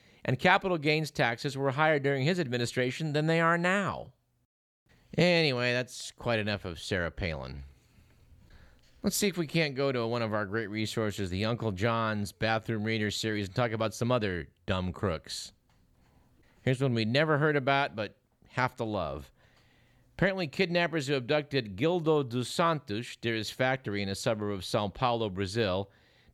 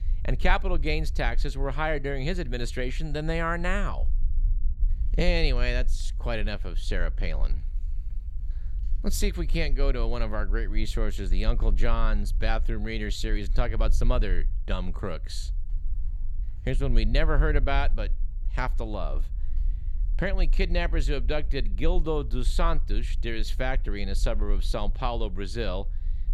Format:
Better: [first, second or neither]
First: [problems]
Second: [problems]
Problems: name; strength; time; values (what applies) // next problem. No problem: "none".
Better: first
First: none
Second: low rumble; faint; throughout; 25 dB below the speech